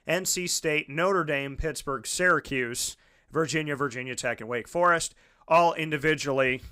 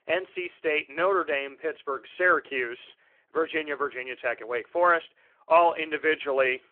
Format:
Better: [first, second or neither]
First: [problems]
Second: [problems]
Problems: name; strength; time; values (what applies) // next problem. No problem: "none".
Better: first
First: none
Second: phone-call audio